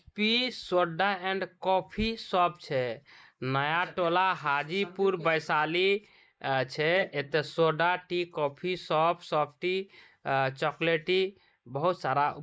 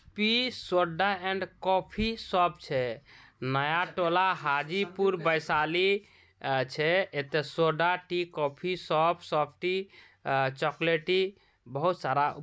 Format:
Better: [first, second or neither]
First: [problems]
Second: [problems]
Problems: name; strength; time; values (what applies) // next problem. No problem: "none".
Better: second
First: noise reduction (neural mask model Resemble Enhance denoiser)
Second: none